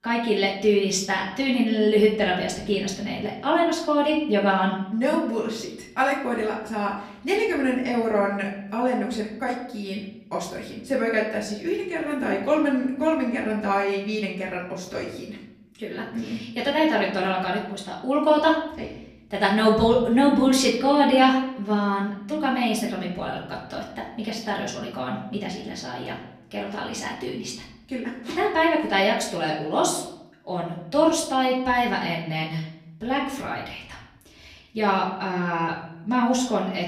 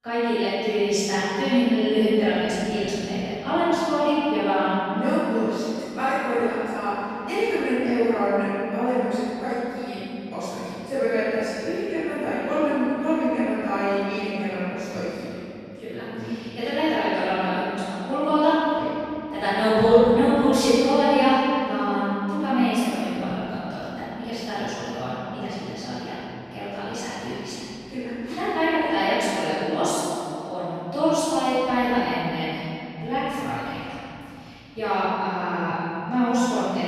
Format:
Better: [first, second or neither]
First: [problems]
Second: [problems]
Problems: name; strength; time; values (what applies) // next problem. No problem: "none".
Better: first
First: room echo; slight; dies away in 0.8 s // off-mic speech; far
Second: room echo; strong; dies away in 2.9 s // off-mic speech; far